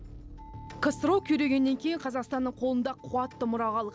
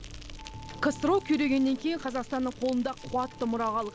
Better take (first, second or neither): first